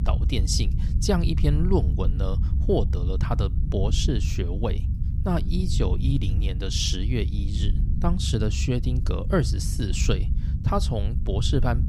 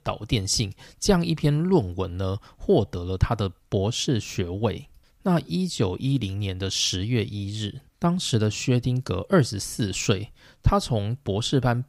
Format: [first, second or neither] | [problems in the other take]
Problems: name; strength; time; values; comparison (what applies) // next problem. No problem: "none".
second | low rumble; noticeable; throughout; 10 dB below the speech